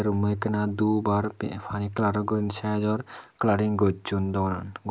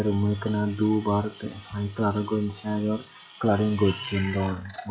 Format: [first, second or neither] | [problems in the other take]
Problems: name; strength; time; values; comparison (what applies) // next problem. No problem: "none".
first | noise reduction (classical method log-MMSE)